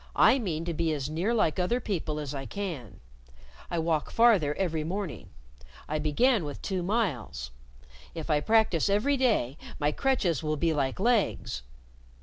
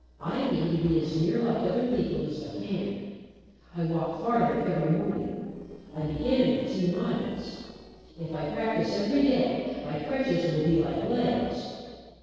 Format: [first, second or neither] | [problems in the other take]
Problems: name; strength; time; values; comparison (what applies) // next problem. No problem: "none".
first | noise reduction (neural separator model SepFormer DNS4)